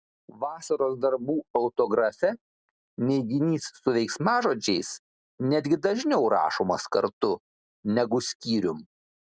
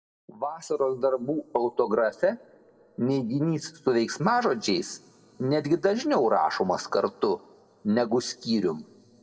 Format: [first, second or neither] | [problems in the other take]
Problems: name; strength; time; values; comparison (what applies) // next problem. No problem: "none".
first | room echo; dies away in 1.8 s